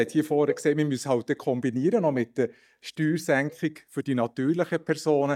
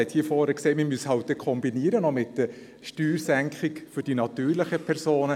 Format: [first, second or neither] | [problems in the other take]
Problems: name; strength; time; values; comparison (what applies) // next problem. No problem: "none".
second | noise reduction (neural mask model DeepFilterNet 3)